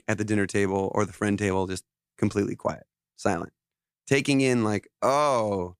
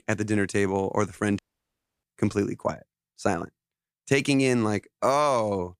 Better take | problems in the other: first | audio cutting out; at 1.5 s for 0.5 s

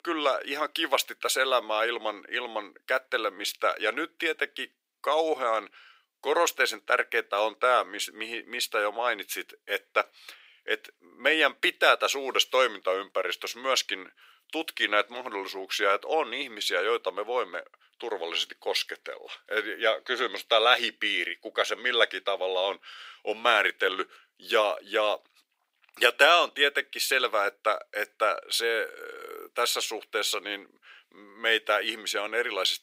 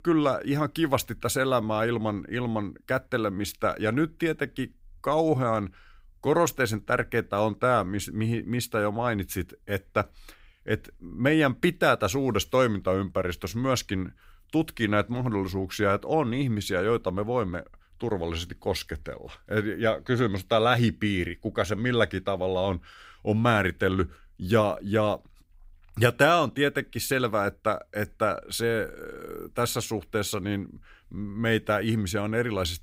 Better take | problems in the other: second | thin; very; fading below 400 Hz

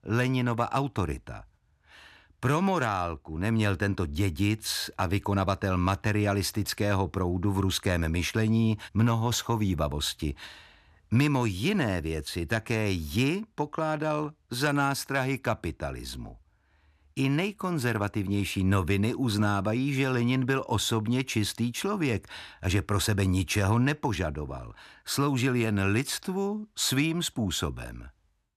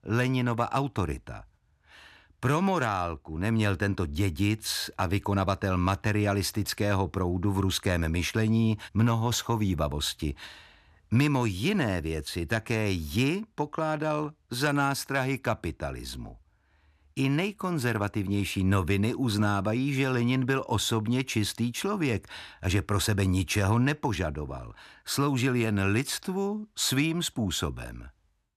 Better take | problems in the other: neither | none

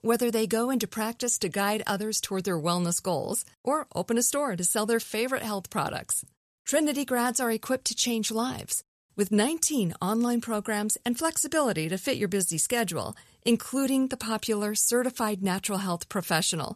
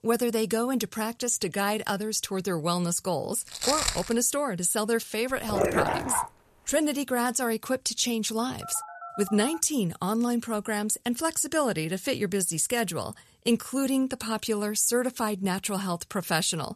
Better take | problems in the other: first | footsteps; loud; at 3.5 s; peak 2 dB above the speech // dog barking; loud; at 5.5 s; peak 2 dB above the speech // phone ringing; faint; at 8.5 s; peak 10 dB below the speech

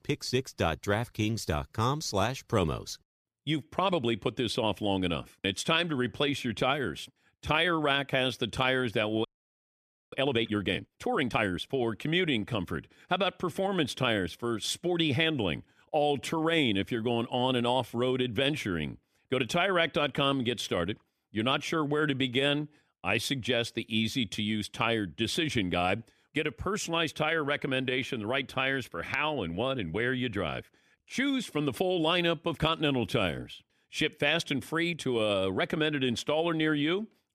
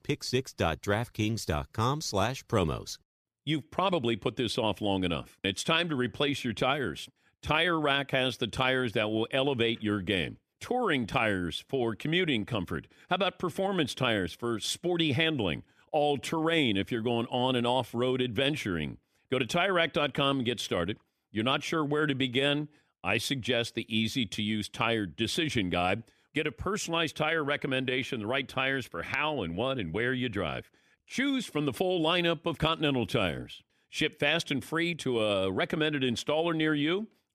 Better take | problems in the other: second | audio freezing; at 9.5 s for 1 s

